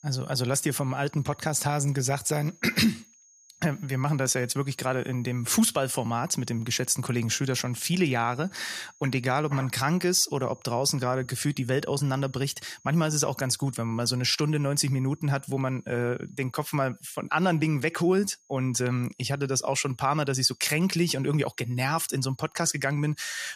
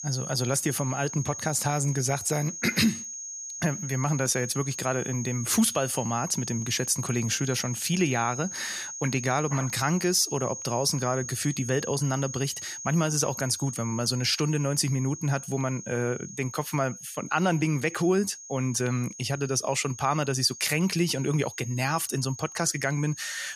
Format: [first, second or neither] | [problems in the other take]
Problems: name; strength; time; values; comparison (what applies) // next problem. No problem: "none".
first | high-pitched whine; loud; throughout; 6.5 kHz, 9 dB below the speech; faint in the first